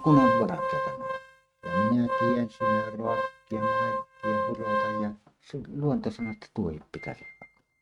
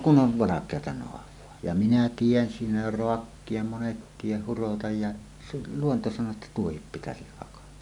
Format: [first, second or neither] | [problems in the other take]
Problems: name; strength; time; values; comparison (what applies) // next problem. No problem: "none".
second | noise reduction (neural mask model RNNoise)